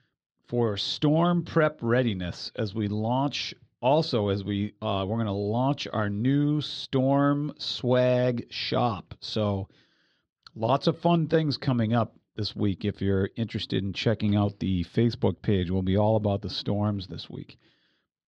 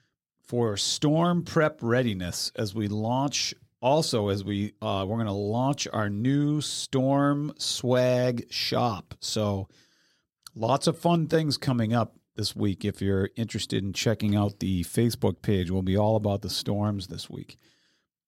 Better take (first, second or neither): second